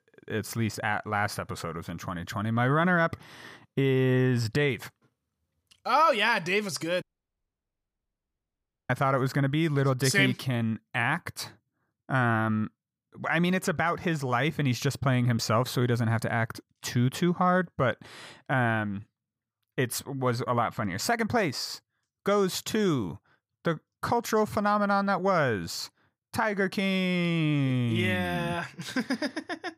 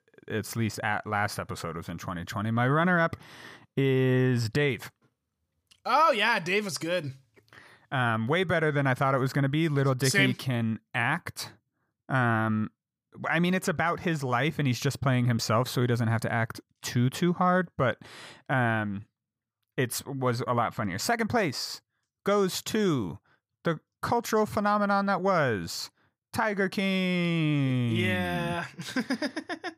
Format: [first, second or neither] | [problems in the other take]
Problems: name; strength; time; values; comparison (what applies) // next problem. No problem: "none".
second | audio cutting out; at 7 s for 2 s